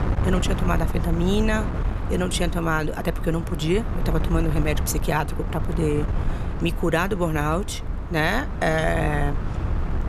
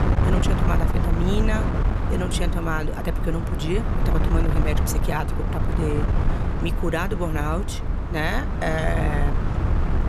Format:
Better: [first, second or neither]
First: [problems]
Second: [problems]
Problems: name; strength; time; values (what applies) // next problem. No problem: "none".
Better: first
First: wind noise on the microphone; occasional gusts; 10 dB below the speech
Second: wind noise on the microphone; heavy; 3 dB below the speech